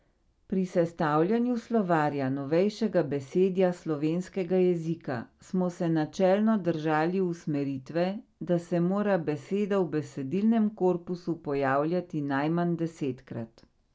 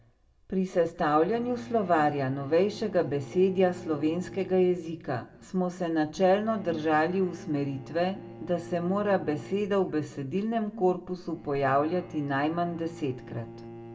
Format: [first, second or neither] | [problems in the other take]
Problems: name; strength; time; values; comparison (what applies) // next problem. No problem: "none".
first | background sound (Bowed string instrument); 19 dB below the speech // room echo; dies away in 0.4 s